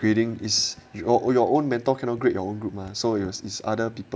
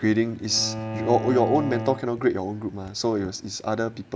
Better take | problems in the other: first | background sound (Bowed string instrument); 10 dB below the speech

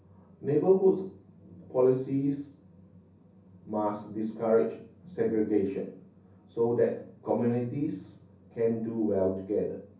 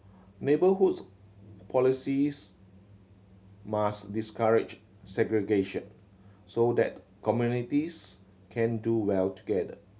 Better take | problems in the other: second | room echo; dies away in 0.6 s

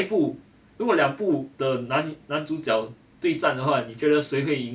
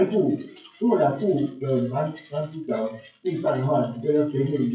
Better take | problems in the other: first | noise reduction (classical method WPE with log-MMSE)

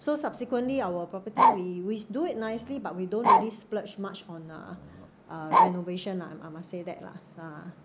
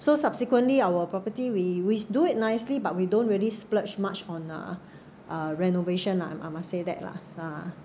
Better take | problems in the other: second | background sound (Bark); 5 dB above the speech

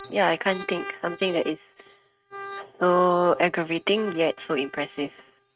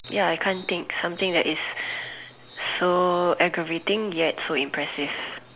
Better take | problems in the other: second | noise reduction (neural mask model RNNoise)

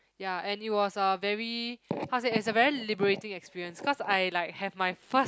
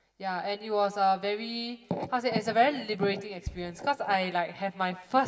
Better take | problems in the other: first | background sound (Bass drum); 14 dB below the speech // room echo; dies away in 2.1 s

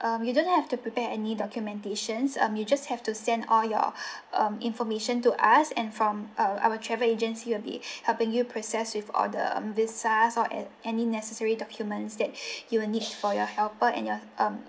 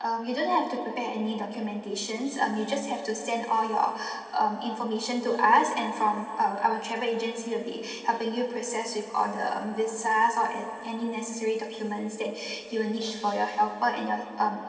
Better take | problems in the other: first | room echo; dies away in 2.6 s

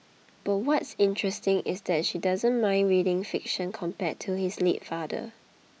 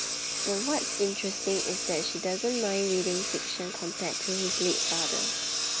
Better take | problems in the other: first | background sound (Engine); 1 dB above the speech

